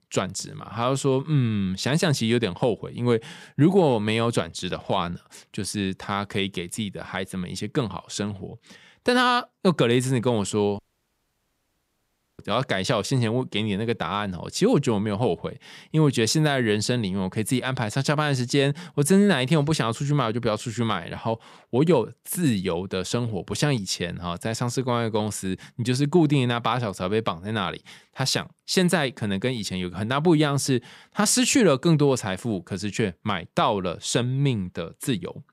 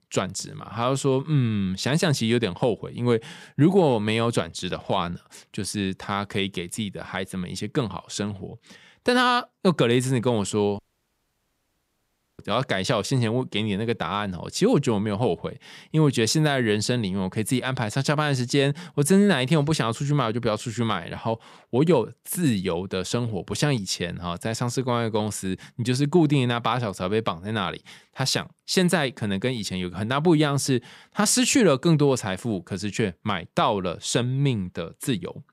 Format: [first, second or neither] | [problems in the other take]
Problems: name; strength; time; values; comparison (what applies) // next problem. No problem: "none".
neither | audio cutting out; at 11 s for 1.5 s; the same in both